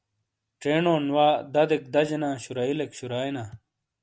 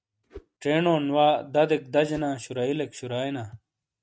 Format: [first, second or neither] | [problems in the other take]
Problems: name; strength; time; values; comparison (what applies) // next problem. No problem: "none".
first | noise reduction (neural mask model RNNoise)